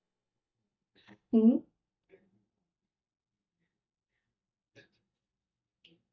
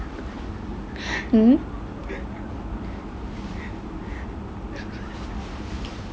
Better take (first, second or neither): second